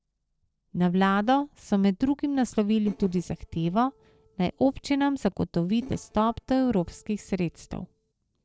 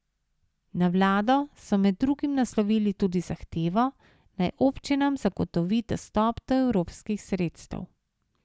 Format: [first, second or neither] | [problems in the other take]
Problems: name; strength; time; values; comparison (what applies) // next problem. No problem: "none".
second | noise reduction (neural separator model SepFormer DNS4)